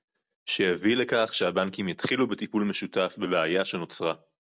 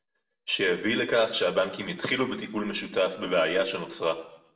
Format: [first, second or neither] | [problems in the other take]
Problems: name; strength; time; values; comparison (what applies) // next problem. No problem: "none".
first | room echo; dies away in 0.6 s